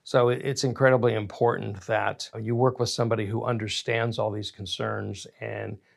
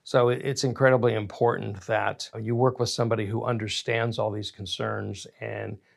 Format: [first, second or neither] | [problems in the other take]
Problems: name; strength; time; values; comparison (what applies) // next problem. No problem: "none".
neither | none